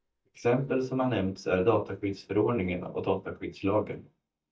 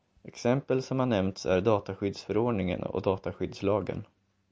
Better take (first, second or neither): second